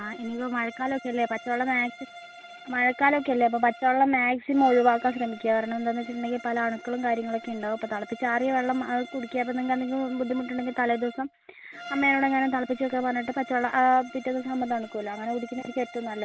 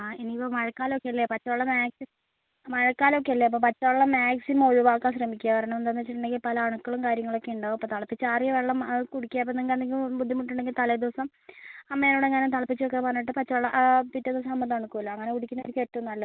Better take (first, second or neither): second